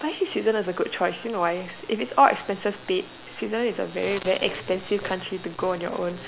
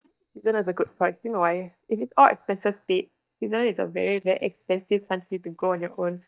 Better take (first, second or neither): first